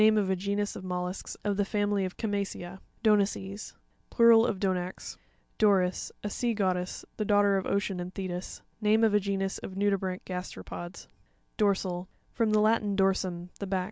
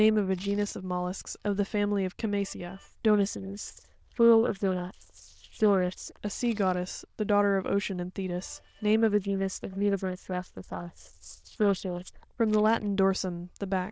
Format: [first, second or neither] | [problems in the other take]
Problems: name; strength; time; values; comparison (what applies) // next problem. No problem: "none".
first | noise reduction (neural diffusion model UNIVERSE++)